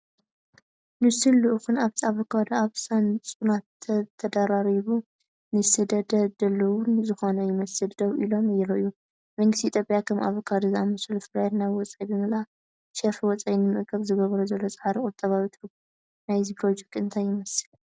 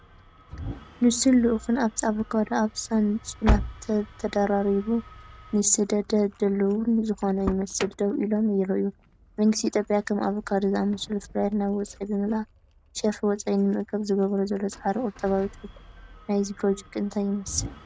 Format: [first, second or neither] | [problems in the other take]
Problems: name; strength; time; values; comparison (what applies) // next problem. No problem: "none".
first | background sound (Engine starting); 12 dB below the speech